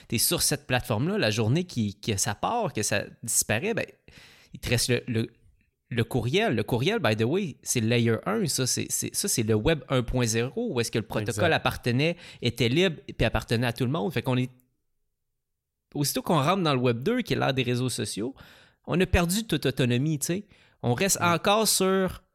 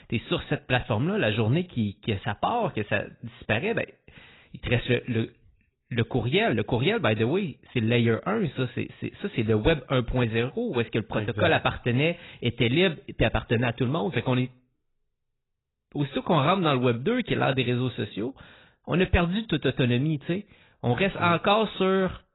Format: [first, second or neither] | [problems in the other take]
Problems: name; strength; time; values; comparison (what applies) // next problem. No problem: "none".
first | garbled, watery; badly; nothing above 4 kHz